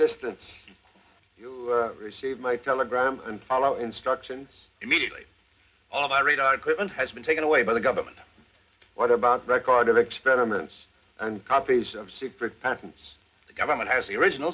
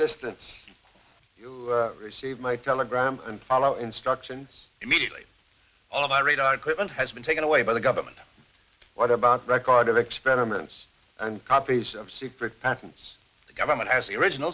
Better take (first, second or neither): second